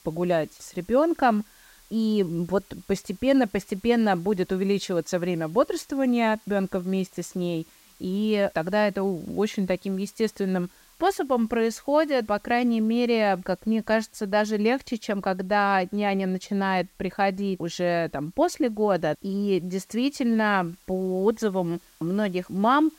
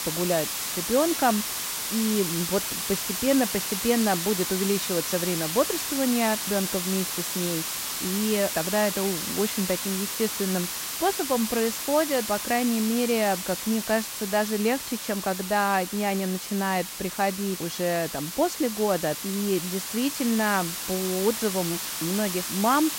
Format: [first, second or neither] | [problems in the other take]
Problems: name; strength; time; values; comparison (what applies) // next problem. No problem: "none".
first | hiss; loud; throughout; 2 dB below the speech; faint in the first